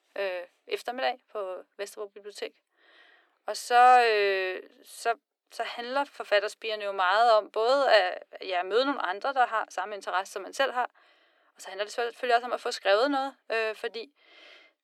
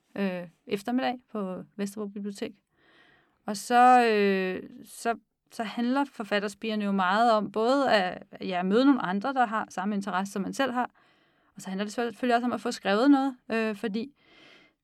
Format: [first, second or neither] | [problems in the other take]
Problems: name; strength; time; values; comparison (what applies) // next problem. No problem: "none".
second | thin; very; fading below 350 Hz